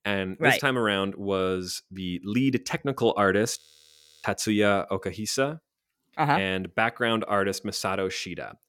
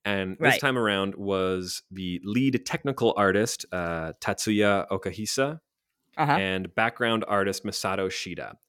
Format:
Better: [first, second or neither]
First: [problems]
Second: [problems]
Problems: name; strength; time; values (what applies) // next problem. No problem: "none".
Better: second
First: audio freezing; at 3.5 s for 0.5 s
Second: none